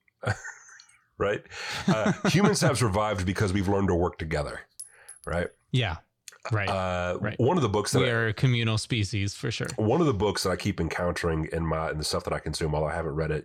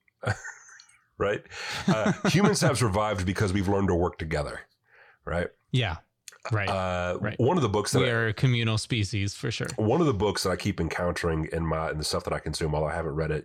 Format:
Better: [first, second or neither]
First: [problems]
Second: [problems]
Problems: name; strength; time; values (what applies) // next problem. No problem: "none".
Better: second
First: clattering dishes; faint; at 5 s; peak 15 dB below the speech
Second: none